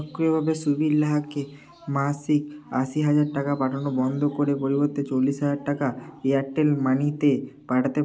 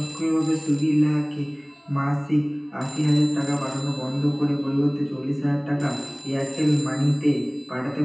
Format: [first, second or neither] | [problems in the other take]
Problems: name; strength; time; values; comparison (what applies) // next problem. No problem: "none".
first | background sound (Telephone); 18 dB below the speech // room echo; dies away in 0.9 s